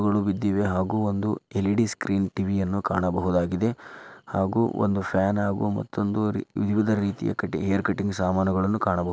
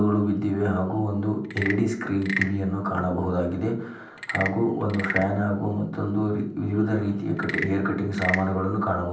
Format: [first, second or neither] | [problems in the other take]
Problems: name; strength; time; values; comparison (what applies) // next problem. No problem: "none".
first | background sound (Wood / Percussion / Frog); 11 dB below the speech // room echo; dies away in 0.6 s